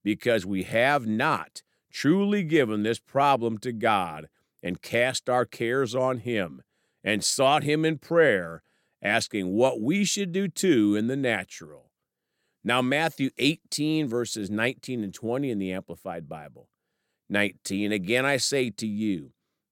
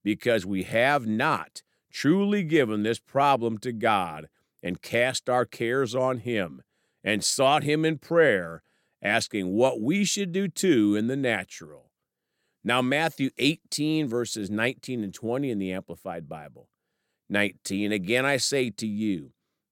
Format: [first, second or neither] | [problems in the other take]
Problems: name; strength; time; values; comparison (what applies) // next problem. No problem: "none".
neither | none